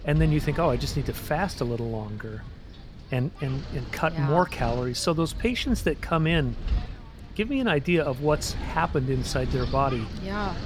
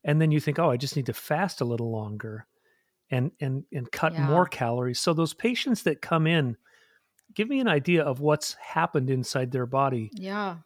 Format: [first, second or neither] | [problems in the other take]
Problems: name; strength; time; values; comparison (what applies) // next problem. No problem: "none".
second | wind noise on the microphone; occasional gusts; 15 dB below the speech